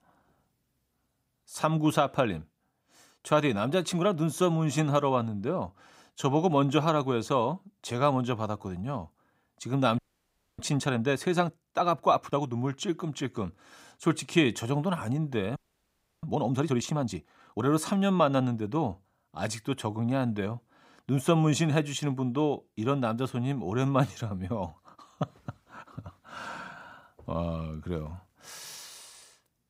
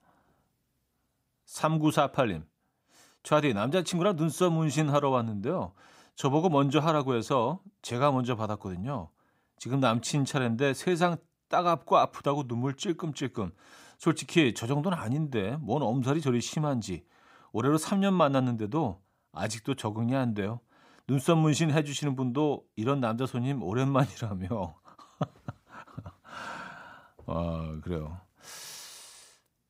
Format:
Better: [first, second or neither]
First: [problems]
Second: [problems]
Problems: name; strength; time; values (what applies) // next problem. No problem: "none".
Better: second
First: audio freezing; at 10 s for 0.5 s and at 16 s for 0.5 s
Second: none